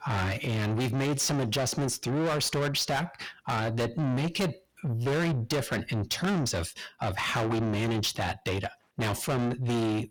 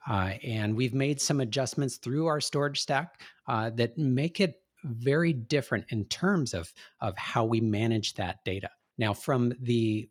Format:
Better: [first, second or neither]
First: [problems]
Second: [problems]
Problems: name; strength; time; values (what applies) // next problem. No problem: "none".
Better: second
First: distortion; heavy; 5 dB below the speech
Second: none